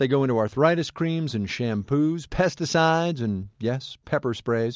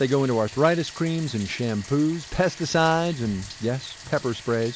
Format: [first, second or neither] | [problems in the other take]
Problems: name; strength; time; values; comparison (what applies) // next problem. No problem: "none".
first | background sound (Bathtub (filling or washing)); 17 dB below the speech